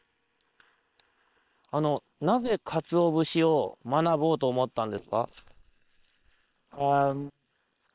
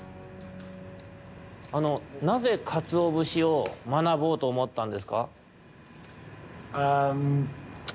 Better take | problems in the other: second | noise reduction (neural separator model SepFormer WHAM!)

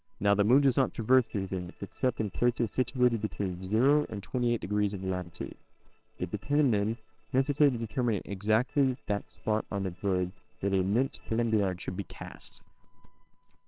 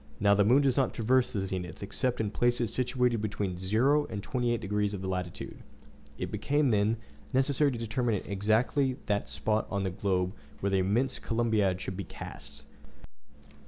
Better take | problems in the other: second | noise reduction (neural separator model SepFormer WHAMR!)

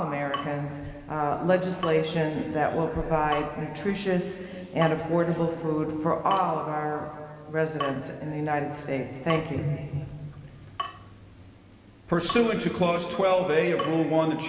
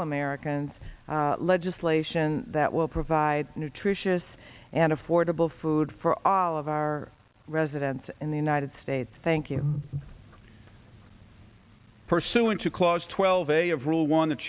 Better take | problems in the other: second | background sound (Drip / Water tap, faucet); 15 dB below the speech // room echo; dies away in 2.5 s

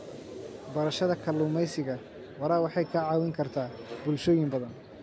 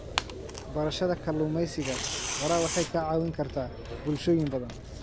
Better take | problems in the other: first | background sound (Tearing); 7 dB below the speech

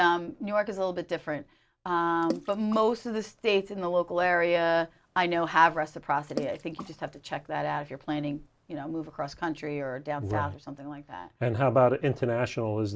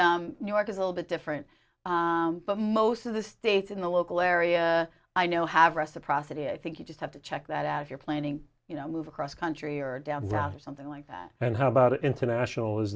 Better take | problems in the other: second | background sound (Water / Splash, splatter); 17 dB below the speech

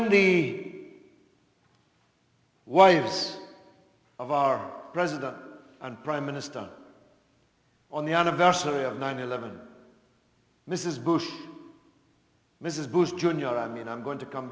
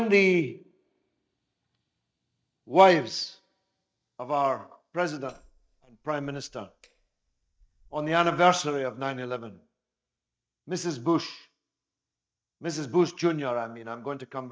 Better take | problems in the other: first | noise reduction (neural mask model DeepFilterNet 3)

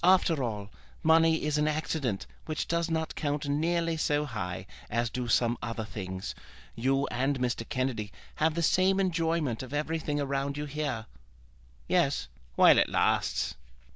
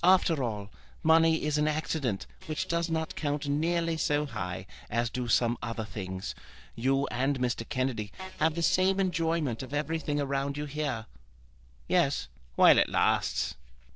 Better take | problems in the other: first | noise reduction (neural separator model SepFormer DNS4)

